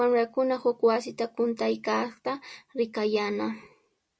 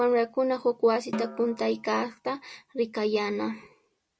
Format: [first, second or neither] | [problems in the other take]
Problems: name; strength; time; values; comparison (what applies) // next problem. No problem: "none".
first | background sound (Snare drum); 14 dB below the speech